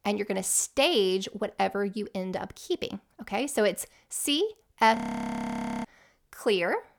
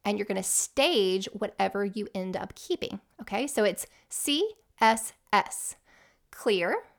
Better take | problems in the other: second | audio freezing; at 5 s for 1 s

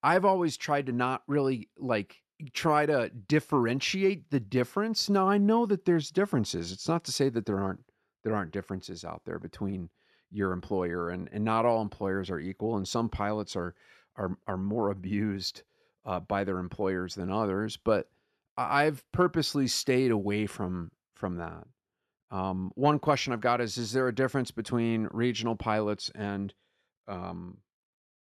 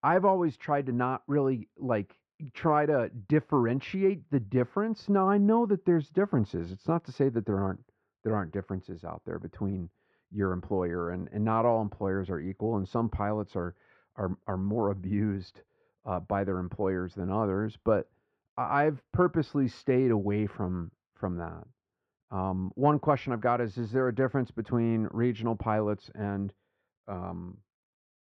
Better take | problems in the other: first | muffled; very; fading above 1.5 kHz

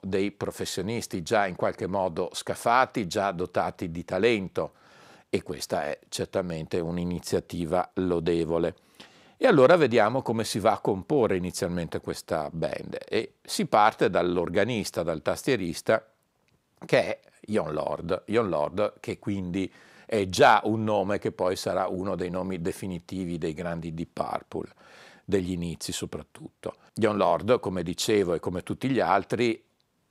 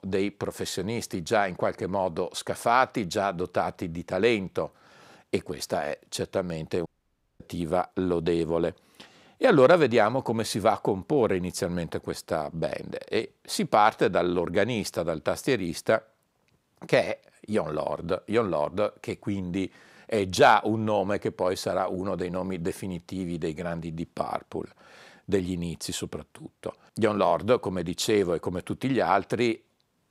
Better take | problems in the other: first | audio cutting out; at 7 s for 0.5 s

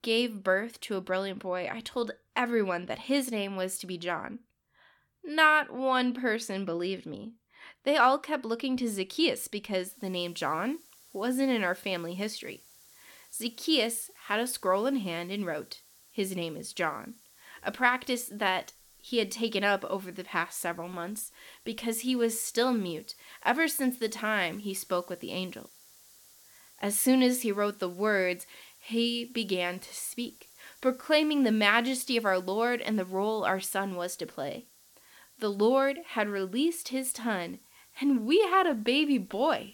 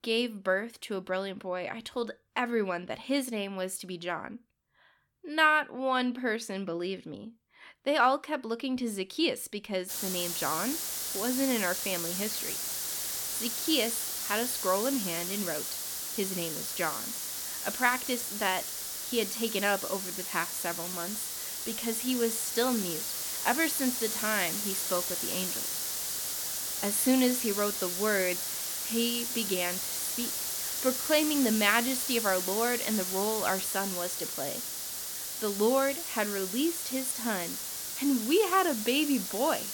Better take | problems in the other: first | hiss; loud; from 10 s on; 1 dB below the speech; faint in the first

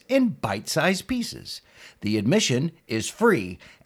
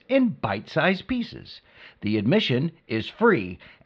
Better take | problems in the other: first | muffled; slightly; fading above 4 kHz

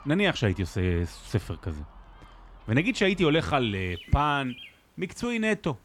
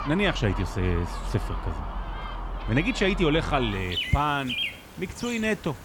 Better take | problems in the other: first | animal sounds; loud; throughout; 7 dB below the speech; faint in the first

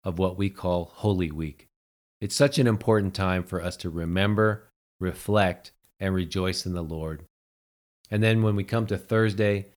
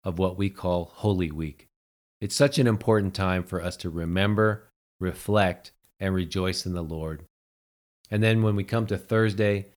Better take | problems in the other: neither | none

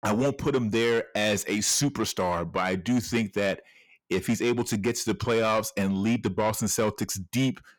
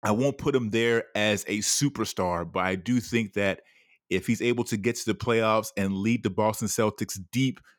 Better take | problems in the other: second | distortion; slight; 10 dB below the speech

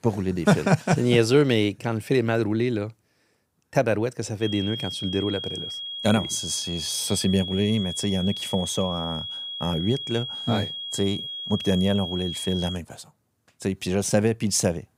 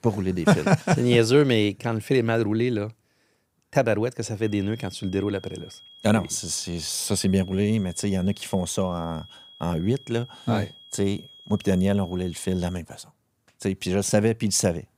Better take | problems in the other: second | high-pitched whine; loud; from 4.5 to 13 s; 3.5 kHz, 6 dB below the speech; faint in the second

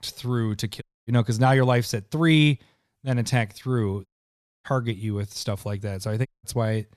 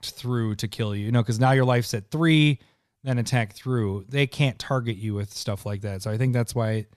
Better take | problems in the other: second | audio cutting out; at 1 s, at 4 s for 0.5 s and at 6.5 s

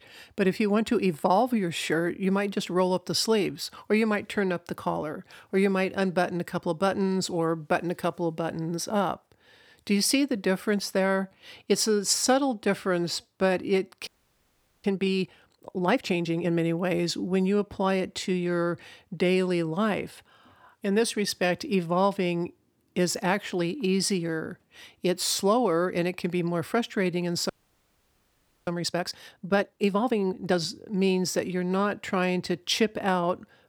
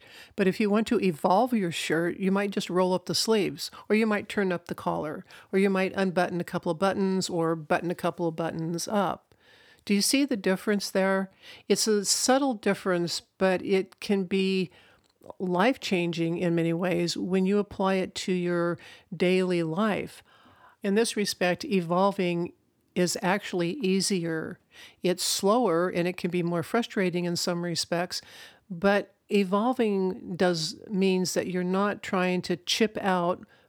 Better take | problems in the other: second | audio freezing; at 14 s for 1 s and at 28 s for 1 s

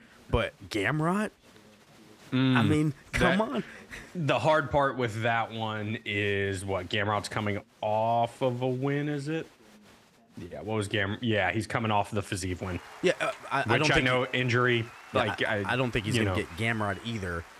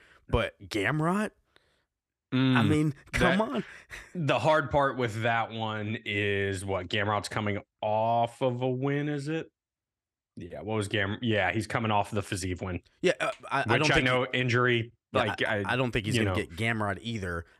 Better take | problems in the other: second | crowd noise; faint; throughout; 25 dB below the speech

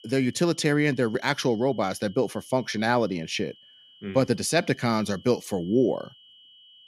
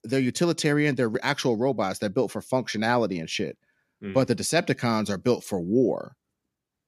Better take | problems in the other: second | high-pitched whine; faint; throughout; 3 kHz, 25 dB below the speech

